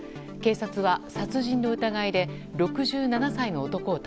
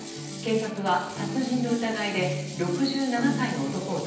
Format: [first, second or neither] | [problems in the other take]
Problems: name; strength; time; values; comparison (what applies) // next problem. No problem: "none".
first | background sound (Ratchet, pawl); 17 dB below the speech // room echo; dies away in 0.9 s